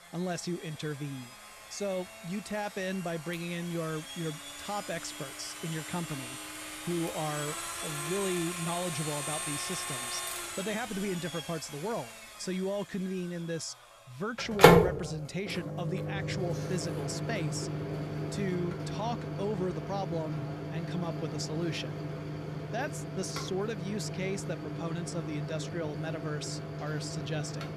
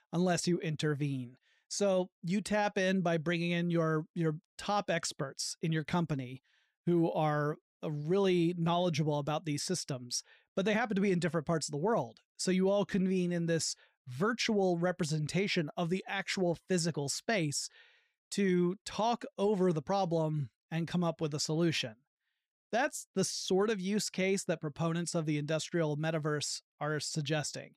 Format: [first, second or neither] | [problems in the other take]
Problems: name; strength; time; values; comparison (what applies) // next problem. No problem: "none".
second | household noises; very loud; throughout; 3 dB above the speech